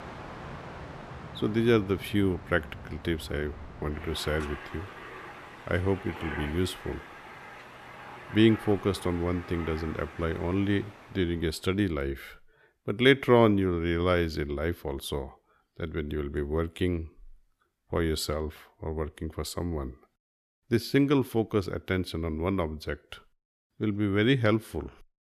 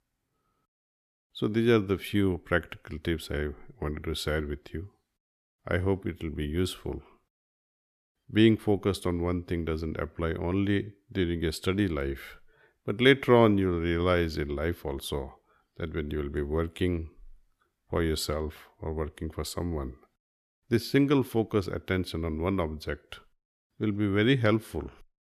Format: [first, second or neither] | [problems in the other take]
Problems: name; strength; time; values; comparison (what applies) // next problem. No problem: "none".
second | train or aircraft noise; noticeable; until 11 s; 15 dB below the speech